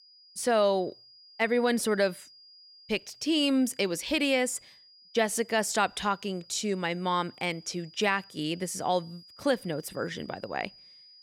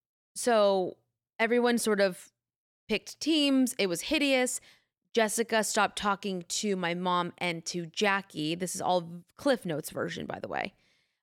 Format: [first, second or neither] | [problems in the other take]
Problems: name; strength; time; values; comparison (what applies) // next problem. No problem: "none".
second | high-pitched whine; faint; throughout; 5 kHz, 25 dB below the speech